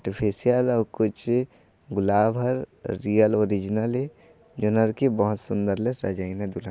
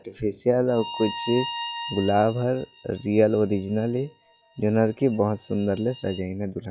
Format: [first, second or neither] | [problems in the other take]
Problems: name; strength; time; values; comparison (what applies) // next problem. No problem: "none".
first | noise reduction (classical method log-MMSE)